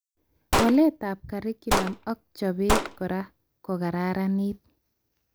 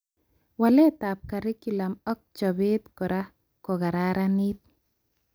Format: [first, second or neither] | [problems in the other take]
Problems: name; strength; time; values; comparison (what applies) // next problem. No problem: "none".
second | background sound (Gunshot, gunfire); 2 dB below the speech